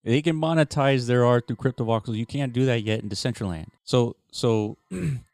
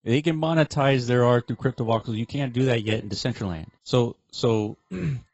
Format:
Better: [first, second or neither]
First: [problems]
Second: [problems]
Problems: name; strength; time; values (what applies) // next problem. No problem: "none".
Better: first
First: none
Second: garbled, watery; badly; nothing above 8 kHz